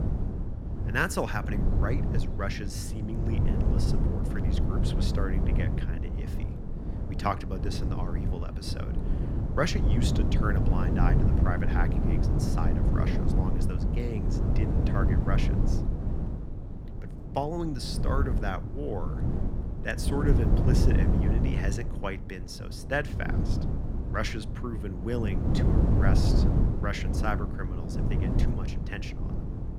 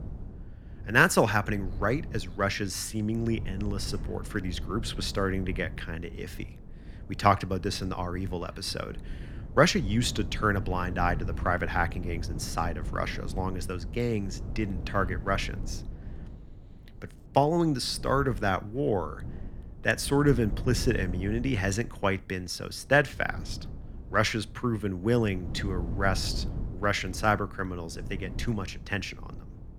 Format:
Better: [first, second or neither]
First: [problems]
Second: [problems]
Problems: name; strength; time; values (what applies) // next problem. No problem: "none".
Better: second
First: wind noise on the microphone; heavy; 3 dB below the speech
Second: wind noise on the microphone; occasional gusts; 20 dB below the speech